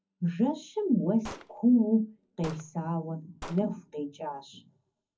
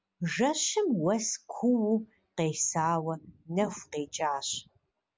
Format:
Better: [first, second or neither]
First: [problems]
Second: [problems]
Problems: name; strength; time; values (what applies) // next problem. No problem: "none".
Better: second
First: background sound (Gunshot, gunfire); 18 dB below the speech // room echo; dies away in 0.4 s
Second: none